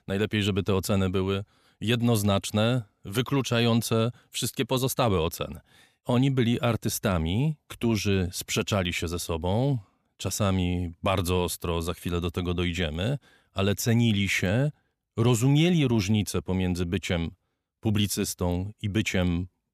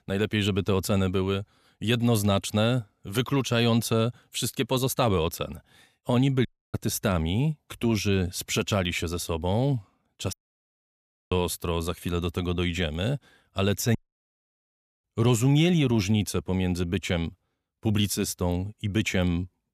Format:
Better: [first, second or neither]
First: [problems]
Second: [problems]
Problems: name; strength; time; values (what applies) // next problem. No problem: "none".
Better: first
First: none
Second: audio cutting out; at 6.5 s, at 10 s for 1 s and at 14 s for 1 s